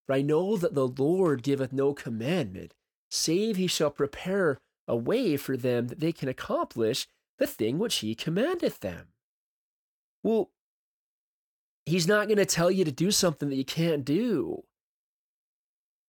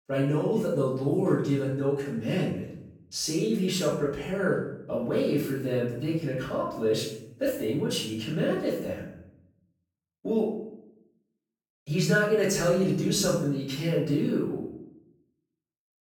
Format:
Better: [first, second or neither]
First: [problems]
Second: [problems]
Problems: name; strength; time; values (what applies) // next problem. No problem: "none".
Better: first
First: none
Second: room echo; noticeable; dies away in 0.7 s // off-mic speech; far